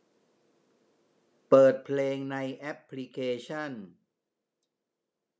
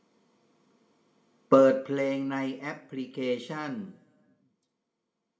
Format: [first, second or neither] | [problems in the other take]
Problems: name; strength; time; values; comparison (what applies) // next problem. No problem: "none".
first | room echo; dies away in 0.6 s